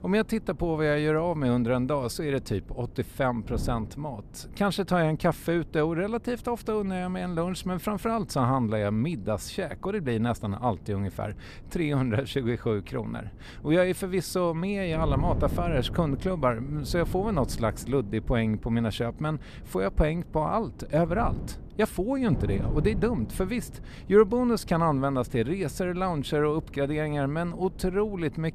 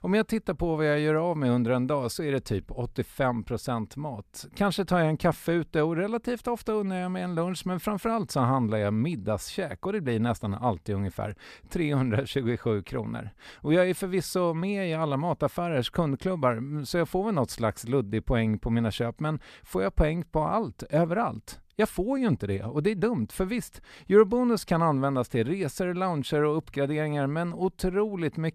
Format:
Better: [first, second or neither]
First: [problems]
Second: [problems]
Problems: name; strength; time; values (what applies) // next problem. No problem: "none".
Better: second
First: wind noise on the microphone; occasional gusts; 20 dB below the speech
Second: none